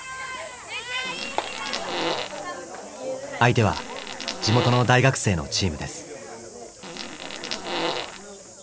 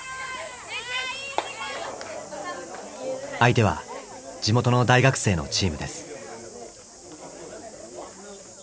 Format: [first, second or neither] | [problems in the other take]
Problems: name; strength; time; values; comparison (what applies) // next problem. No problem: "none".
second | background sound (Fart); 5 dB below the speech